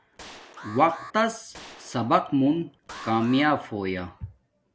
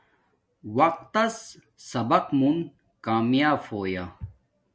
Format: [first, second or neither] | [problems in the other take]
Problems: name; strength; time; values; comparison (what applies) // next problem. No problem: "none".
second | background sound (Alarm + Gunshot, gunfire); 19 dB below the speech